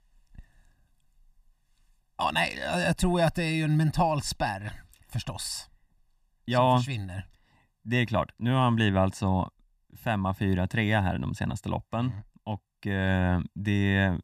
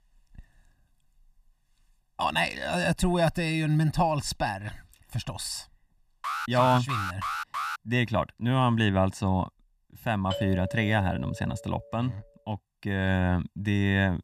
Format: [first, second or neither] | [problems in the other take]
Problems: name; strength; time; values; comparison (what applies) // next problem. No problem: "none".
first | alarm; noticeable; from 6 to 8 s; peak 4 dB below the speech // doorbell; noticeable; from 10 to 12 s; peak 8 dB below the speech